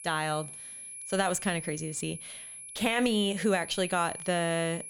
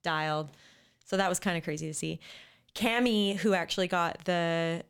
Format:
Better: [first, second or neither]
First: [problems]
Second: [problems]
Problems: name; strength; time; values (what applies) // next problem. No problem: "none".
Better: second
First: high-pitched whine; noticeable; throughout; 10.5 kHz, 10 dB below the speech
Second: none